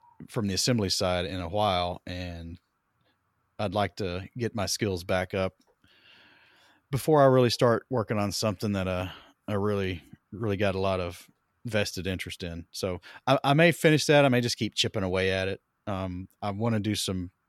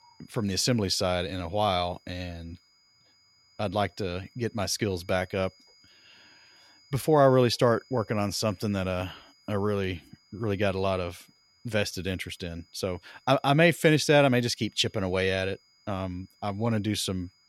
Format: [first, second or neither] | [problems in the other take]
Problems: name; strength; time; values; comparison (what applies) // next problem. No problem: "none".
first | high-pitched whine; faint; throughout; 5 kHz, 30 dB below the speech